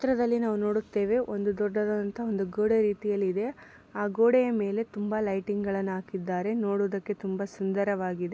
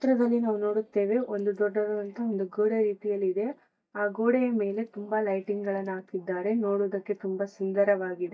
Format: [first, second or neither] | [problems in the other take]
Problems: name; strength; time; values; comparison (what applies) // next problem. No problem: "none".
first | noise reduction (neural mask model DeepFilterNet 3)